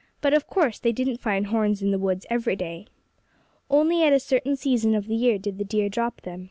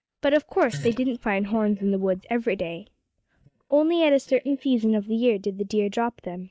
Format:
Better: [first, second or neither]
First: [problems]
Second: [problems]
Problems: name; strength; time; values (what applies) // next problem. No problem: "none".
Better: first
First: none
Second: noise reduction (neural mask model DeepFilterNet 3)